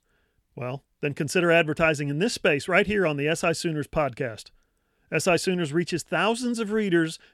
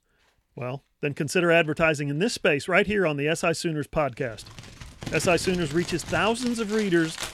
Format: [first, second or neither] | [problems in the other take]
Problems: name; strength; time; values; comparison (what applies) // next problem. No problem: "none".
first | household noises; noticeable; throughout; 15 dB below the speech